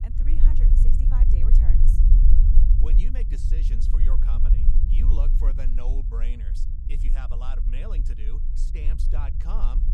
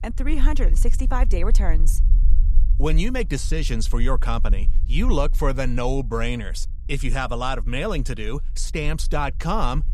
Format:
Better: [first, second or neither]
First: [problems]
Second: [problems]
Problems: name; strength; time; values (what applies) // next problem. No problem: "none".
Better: second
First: low rumble; loud; throughout; as loud as the speech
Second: low rumble; faint; throughout; 20 dB below the speech